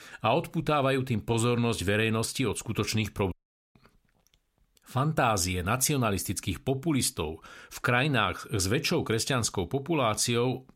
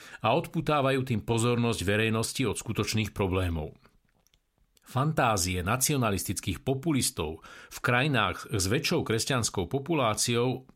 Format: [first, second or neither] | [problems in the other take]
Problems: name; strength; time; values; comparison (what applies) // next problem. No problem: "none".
second | audio cutting out; at 3.5 s